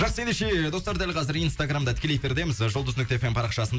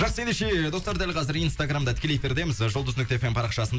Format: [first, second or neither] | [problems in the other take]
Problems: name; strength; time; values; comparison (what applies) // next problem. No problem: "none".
first | background sound (Crack); 16 dB below the speech